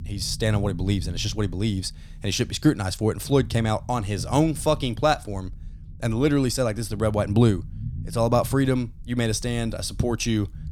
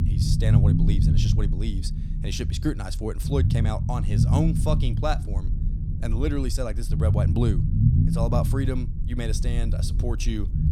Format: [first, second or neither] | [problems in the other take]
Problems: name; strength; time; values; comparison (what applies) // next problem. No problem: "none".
first | low rumble; loud; throughout; 4 dB below the speech; faint in the first